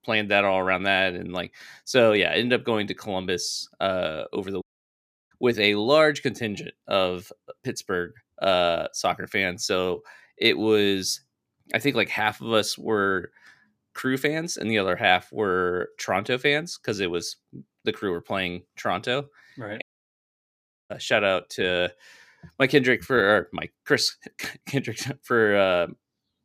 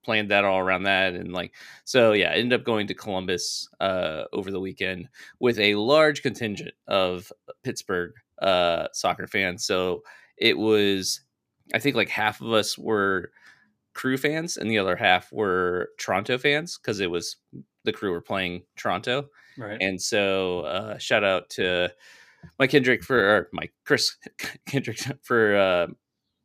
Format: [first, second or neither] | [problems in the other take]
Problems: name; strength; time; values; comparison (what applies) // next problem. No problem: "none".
second | audio cutting out; at 4.5 s for 0.5 s and at 20 s for 1 s